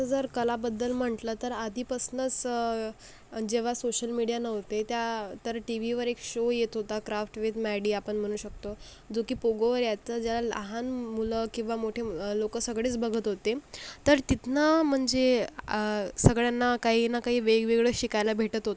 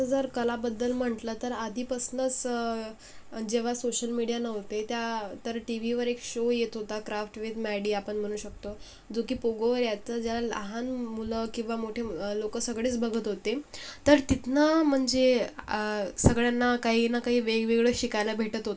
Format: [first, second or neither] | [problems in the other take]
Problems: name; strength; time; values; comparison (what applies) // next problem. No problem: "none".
first | room echo; dies away in 0.2 s